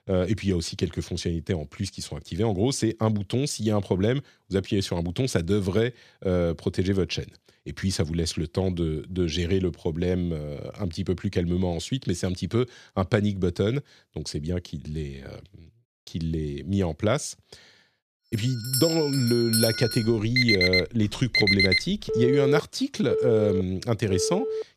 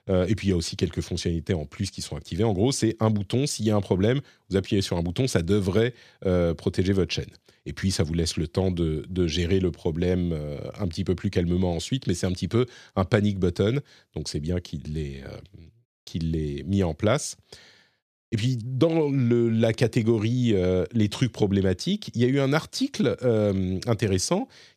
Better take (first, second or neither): second